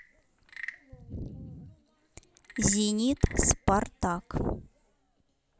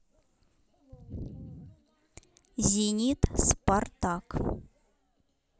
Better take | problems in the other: second | background sound (Wood / Percussion / Frog); 18 dB below the speech

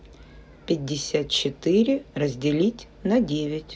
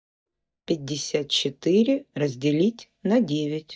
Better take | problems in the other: first | noise reduction (neural mask model DeepFilterNet 3)

